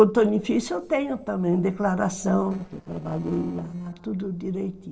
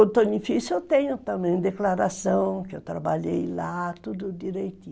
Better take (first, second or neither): second